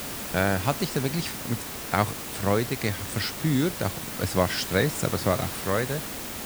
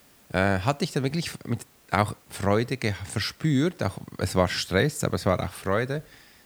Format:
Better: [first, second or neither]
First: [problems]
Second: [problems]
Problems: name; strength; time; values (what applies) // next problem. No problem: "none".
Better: second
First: hiss; loud; throughout; 5 dB below the speech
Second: hiss; faint; throughout; 30 dB below the speech